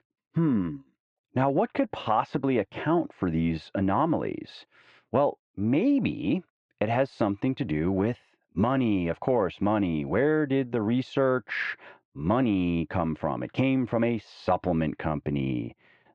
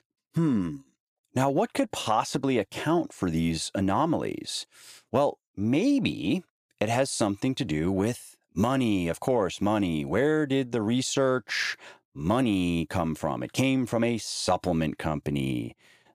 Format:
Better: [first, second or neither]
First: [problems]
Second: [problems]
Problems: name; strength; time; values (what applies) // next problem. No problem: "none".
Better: second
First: muffled; very; fading above 2.5 kHz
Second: none